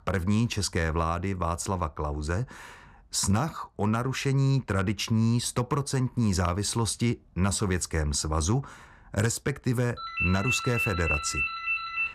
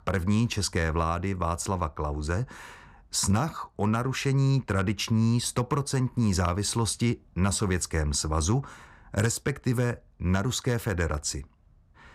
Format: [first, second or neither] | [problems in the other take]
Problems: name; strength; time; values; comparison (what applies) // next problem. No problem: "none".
second | phone ringing; loud; from 10 s on; peak 1 dB above the speech